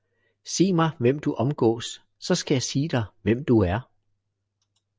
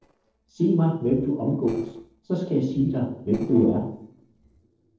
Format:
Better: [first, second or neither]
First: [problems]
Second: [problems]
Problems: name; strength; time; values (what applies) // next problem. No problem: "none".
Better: first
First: none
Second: noise reduction (neural separator model SepFormer DNS4)